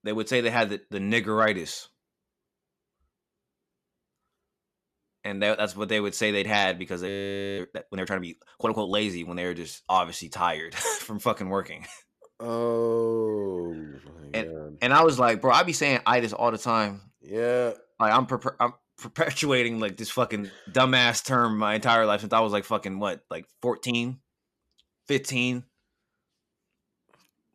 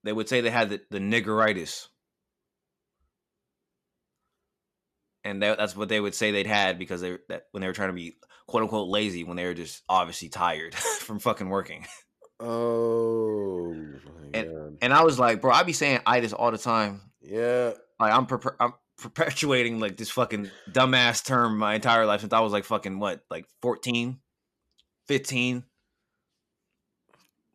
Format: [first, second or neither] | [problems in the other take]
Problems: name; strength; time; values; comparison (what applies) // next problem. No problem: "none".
second | audio freezing; at 7 s for 0.5 s